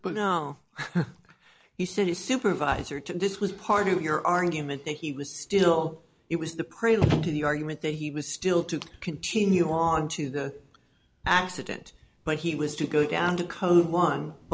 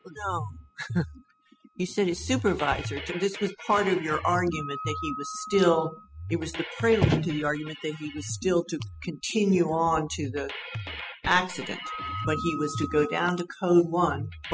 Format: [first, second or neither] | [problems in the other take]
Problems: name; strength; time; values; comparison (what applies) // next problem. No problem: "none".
first | noise reduction (classical method spectral subtraction)